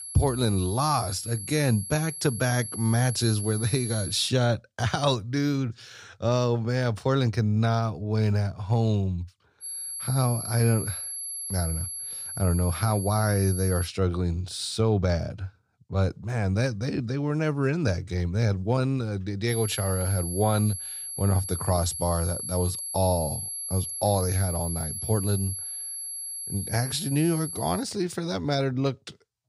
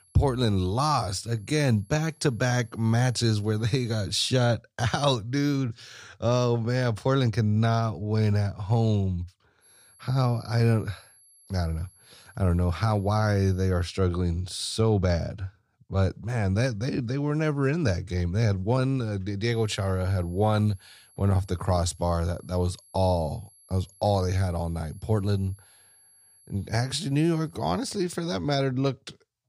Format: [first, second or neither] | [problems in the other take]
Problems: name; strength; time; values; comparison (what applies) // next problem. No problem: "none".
second | high-pitched whine; loud; until 4.5 s, from 9.5 to 14 s and from 20 to 28 s; 11 kHz, 6 dB below the speech; faint in the second